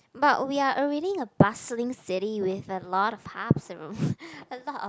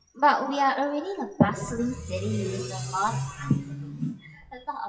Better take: first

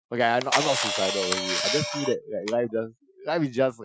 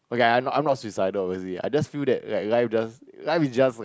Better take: second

